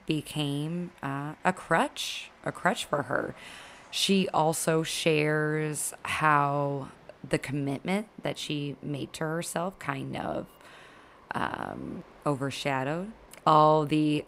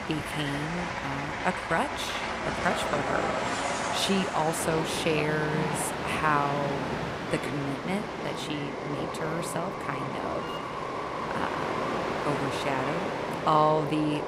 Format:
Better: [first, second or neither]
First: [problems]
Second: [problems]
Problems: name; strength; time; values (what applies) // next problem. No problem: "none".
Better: first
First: train or aircraft noise; faint; throughout; 25 dB below the speech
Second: train or aircraft noise; loud; throughout; 1 dB below the speech